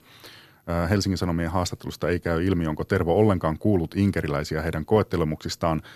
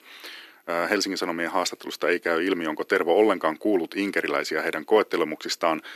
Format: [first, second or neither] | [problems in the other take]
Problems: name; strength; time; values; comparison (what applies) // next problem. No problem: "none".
first | thin; somewhat; fading below 300 Hz